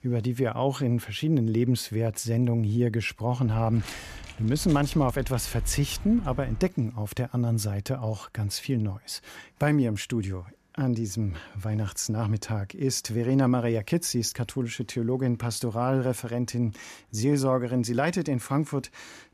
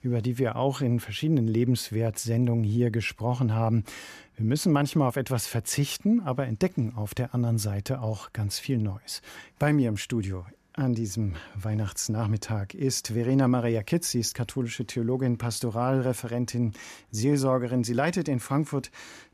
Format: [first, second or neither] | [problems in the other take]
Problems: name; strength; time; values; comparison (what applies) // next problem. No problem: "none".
second | footsteps; noticeable; from 3.5 to 6.5 s; peak 10 dB below the speech